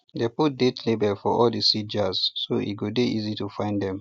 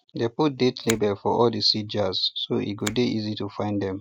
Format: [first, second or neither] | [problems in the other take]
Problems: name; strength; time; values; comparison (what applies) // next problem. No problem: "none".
first | noise reduction (neural mask model RNNoise)